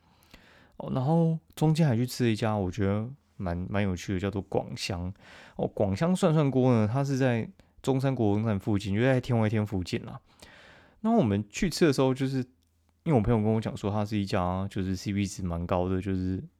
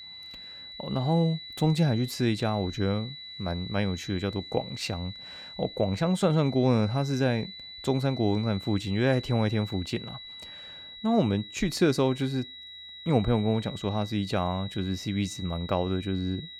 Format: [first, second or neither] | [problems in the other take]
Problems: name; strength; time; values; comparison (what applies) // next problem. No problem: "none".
first | high-pitched whine; noticeable; throughout; 4 kHz, 15 dB below the speech